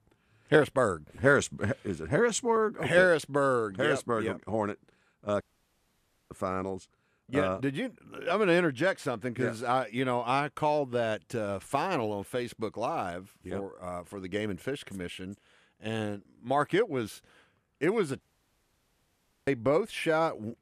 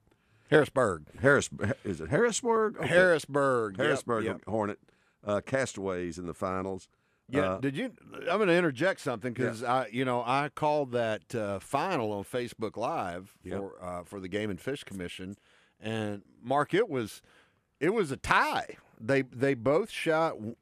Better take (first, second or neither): second